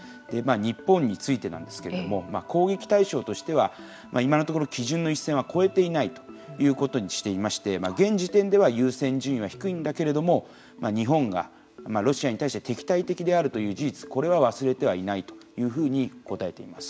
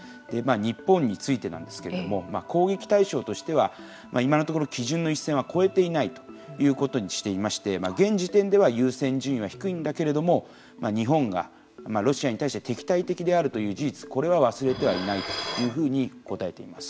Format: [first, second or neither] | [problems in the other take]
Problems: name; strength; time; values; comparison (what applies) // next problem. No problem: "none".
first | background sound (Dishes, pots, and pans); 12 dB below the speech